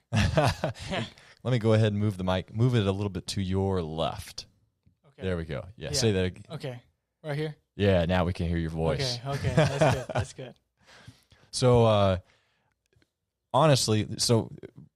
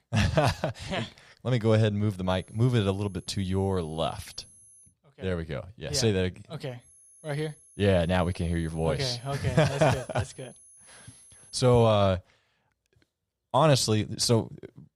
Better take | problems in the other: first | high-pitched whine; faint; from 2.5 to 5 s and from 7 to 12 s; 11 kHz, 25 dB below the speech

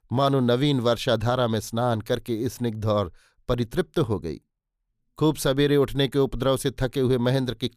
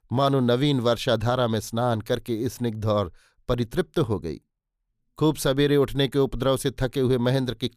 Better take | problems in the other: neither | none

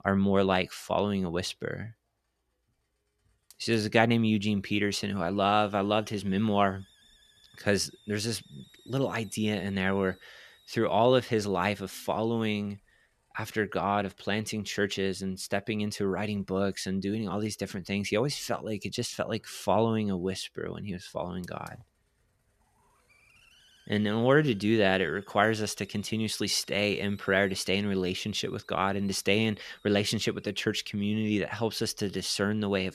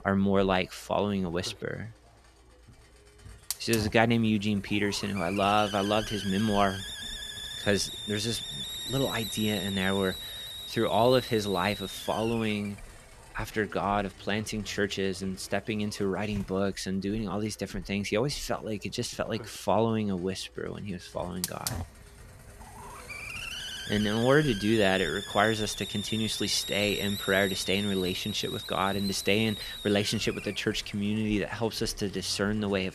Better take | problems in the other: first | hiss; loud; throughout; 8 dB below the speech; faint in the first

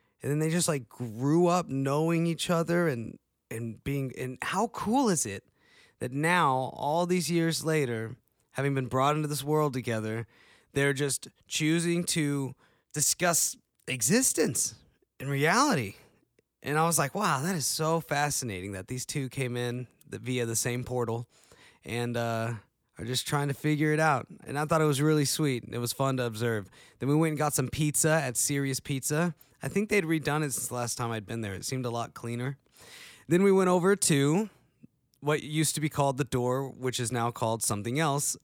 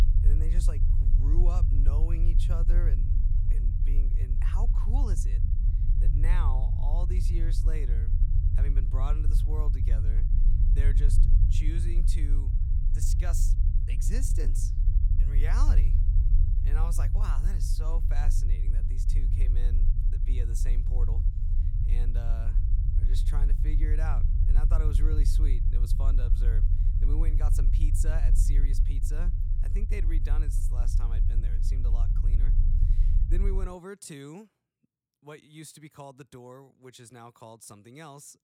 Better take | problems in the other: first | low rumble; loud; until 34 s; 3 dB below the speech

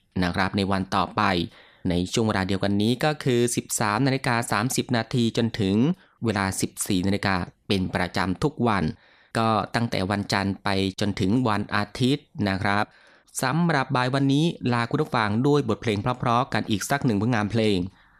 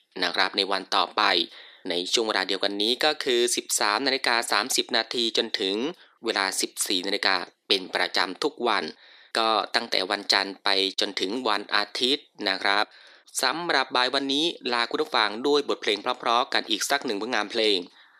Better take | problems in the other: first | thin; somewhat; fading below 350 Hz

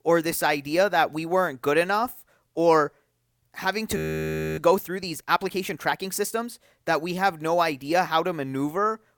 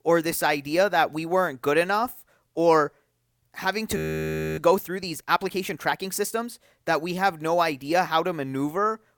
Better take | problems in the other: neither | audio freezing; at 4 s for 0.5 s; the same in both

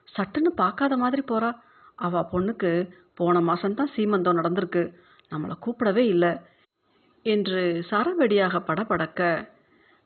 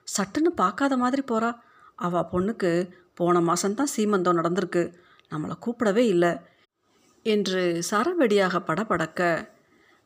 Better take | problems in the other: second | garbled, watery; badly; nothing above 4 kHz

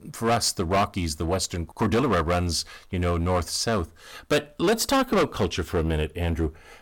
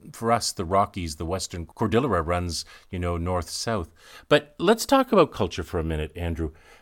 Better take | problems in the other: second | distortion; heavy; 9% of the sound clipped

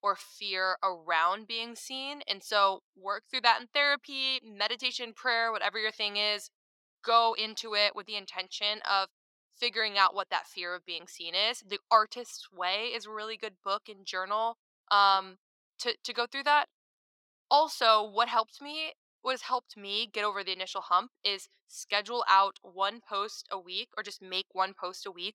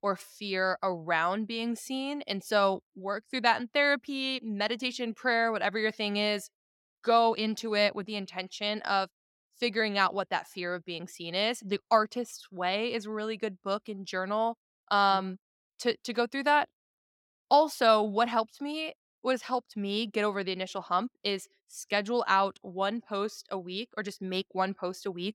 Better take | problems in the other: second | thin; very; fading below 400 Hz

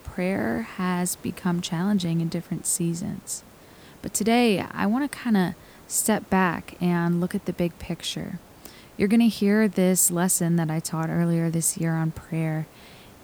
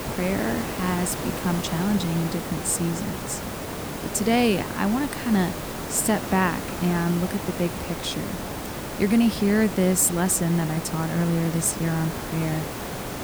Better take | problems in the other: first | hiss; loud; throughout; 7 dB below the speech; faint in the first

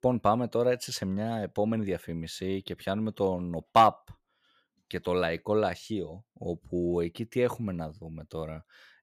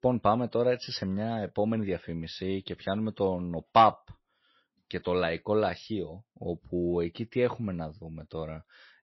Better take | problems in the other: first | garbled, watery; slightly; nothing above 5.5 kHz

